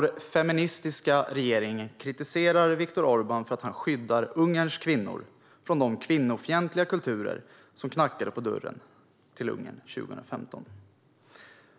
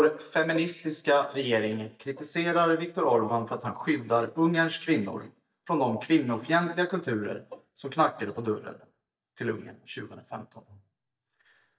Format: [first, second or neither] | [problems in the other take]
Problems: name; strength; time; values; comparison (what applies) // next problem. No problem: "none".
first | noise reduction (neural mask model DeepFilterNet 3)